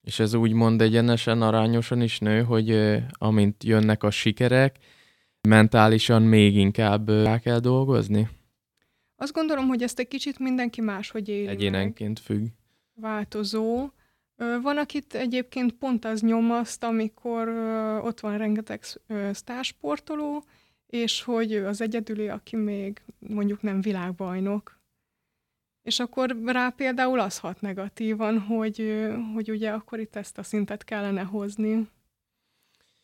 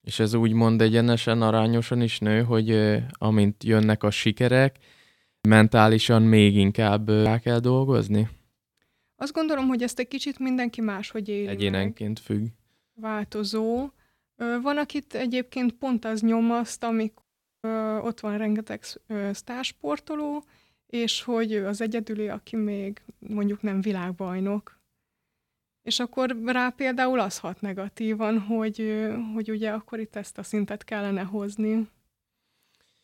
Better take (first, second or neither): first